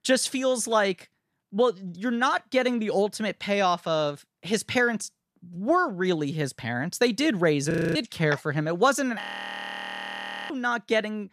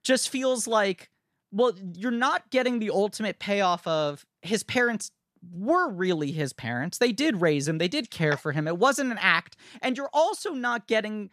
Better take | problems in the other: second | audio freezing; at 7.5 s and at 9 s for 1.5 s

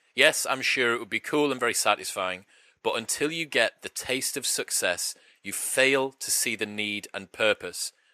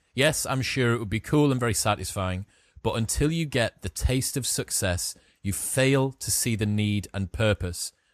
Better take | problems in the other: second | thin; somewhat; fading below 450 Hz

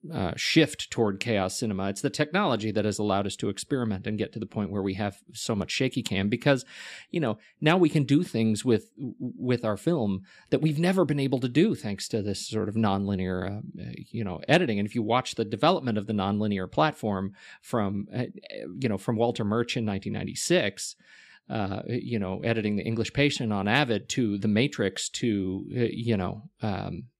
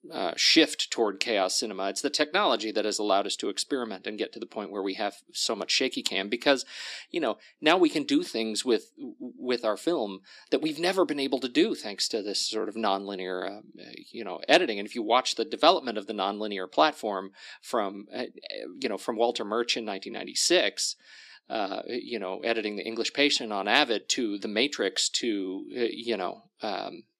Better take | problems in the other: first | thin; somewhat; fading below 300 Hz

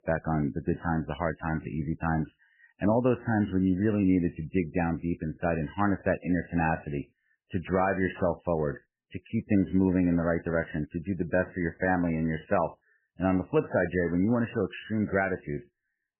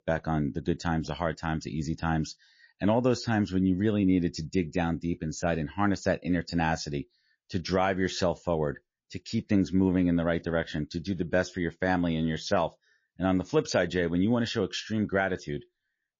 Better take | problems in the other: second | garbled, watery; badly; nothing above 3 kHz; slightly in the second

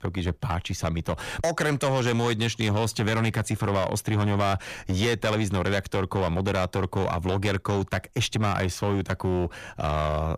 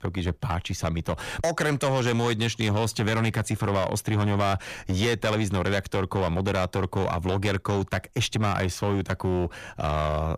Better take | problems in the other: neither | distortion; slight; 12% of the sound clipped; the same in both

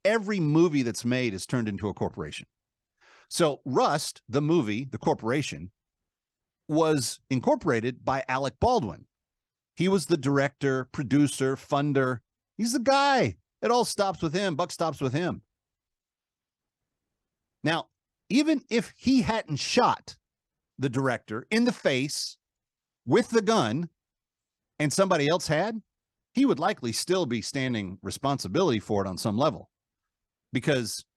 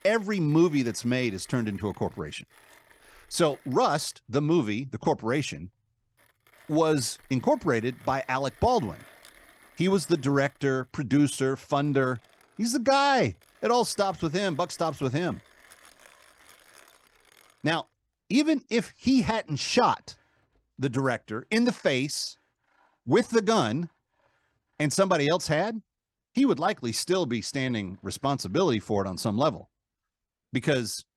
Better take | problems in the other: first | machinery noise; faint; throughout; 30 dB below the speech

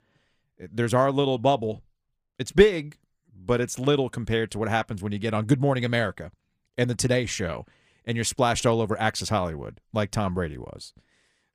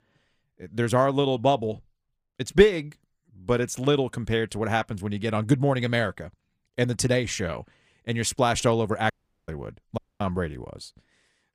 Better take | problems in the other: first | audio cutting out; at 9 s and at 10 s

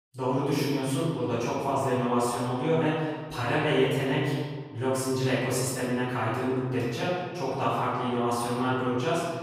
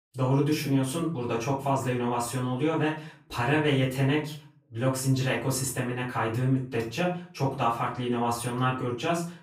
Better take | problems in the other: second | room echo; strong; dies away in 1.5 s; slight in the second // off-mic speech; far; far in the second

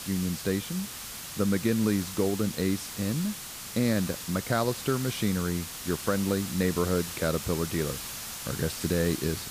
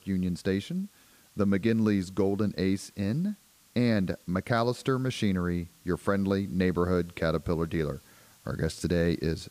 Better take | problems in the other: second | hiss; loud; throughout; 7 dB below the speech; faint in the second

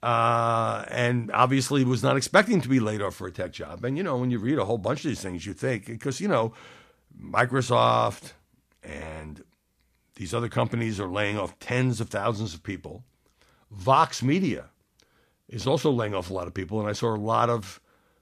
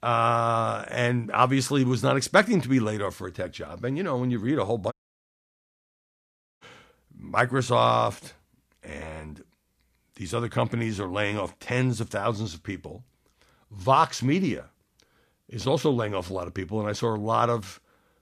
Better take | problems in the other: first | audio cutting out; at 5 s for 1.5 s

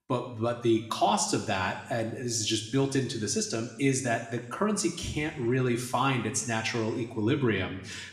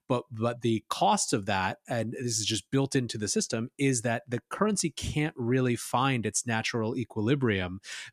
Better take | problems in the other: second | room echo; slight; dies away in 0.9 s

